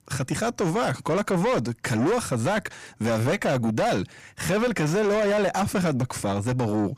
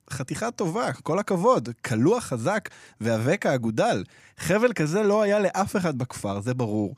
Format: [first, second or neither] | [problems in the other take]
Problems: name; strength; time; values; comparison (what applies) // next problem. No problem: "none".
second | distortion; heavy; 7 dB below the speech